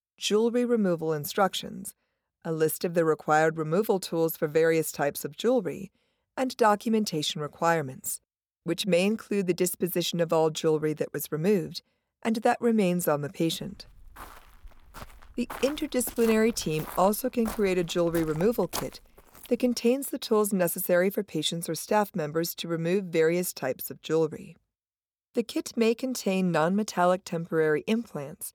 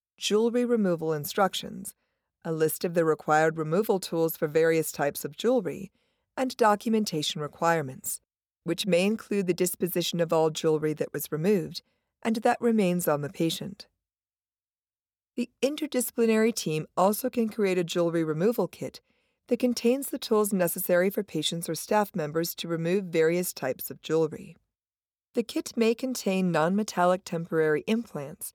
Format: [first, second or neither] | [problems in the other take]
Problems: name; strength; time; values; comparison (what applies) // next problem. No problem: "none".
second | footsteps; noticeable; from 14 to 19 s; peak 9 dB below the speech